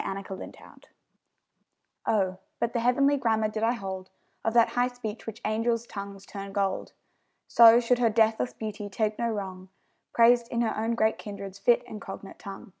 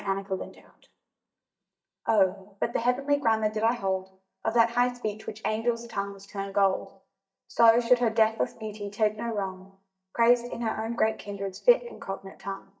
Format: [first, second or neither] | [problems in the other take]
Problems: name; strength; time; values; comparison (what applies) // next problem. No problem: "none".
first | noise reduction (neural mask model DeepFilterNet 3)